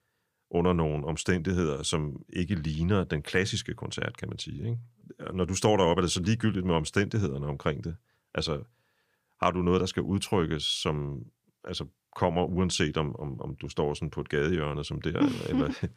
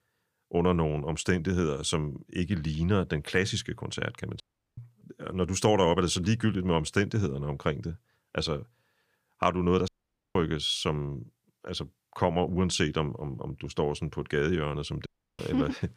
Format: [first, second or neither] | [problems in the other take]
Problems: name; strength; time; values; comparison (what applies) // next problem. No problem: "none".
first | audio cutting out; at 4.5 s, at 10 s and at 15 s